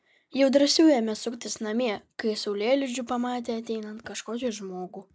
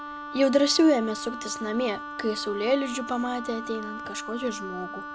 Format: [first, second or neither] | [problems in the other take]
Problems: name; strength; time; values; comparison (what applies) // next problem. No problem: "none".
first | background sound (Wind instrument, woodwind instrument); 10 dB below the speech